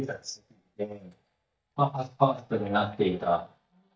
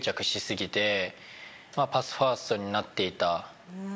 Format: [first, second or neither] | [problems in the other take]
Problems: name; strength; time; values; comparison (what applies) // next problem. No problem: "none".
second | noise reduction (neural mask model DeepFilterNet 3)